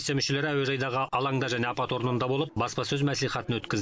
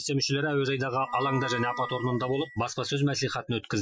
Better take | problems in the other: first | noise reduction (classical method Wiener filter)

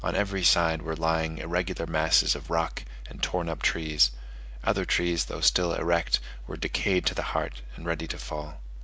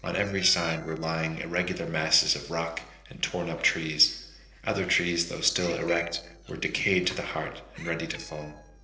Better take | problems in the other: first | noise reduction (neural separator model SepFormer DNS4)

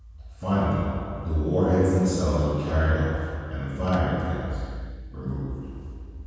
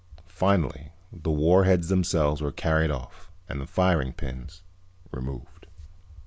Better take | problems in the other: second | background sound (Microwave oven); 19 dB below the speech // room echo; dies away in 2.1 s

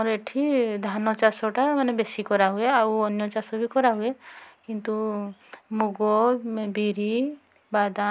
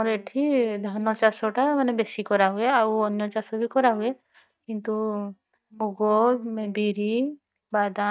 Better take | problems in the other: first | noise reduction (neural mask model DeepFilterNet 3)

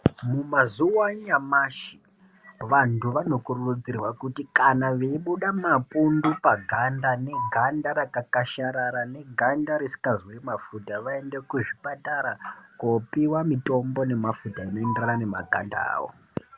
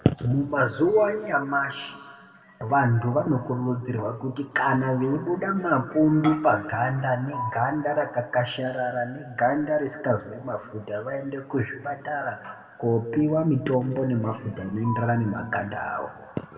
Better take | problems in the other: first | room echo; dies away in 1.4 s

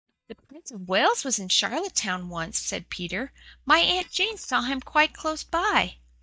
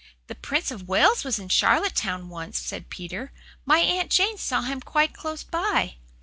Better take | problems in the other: second | noise reduction (neural mask model DeepFilterNet 3)

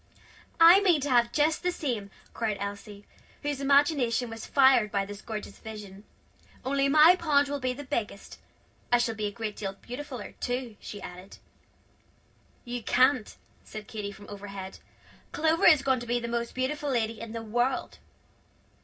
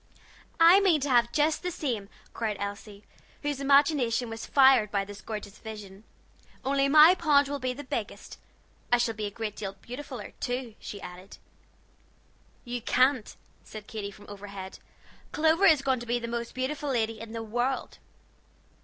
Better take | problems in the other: second | room echo; dies away in 0.4 s

